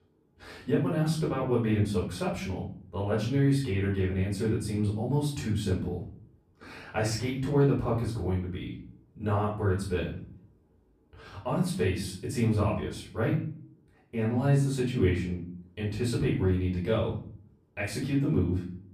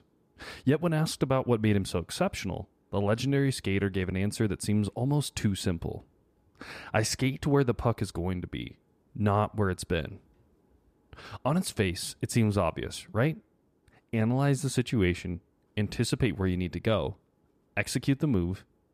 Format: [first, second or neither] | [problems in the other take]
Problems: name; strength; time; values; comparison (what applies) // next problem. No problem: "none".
second | room echo; noticeable; dies away in 0.6 s // off-mic speech; far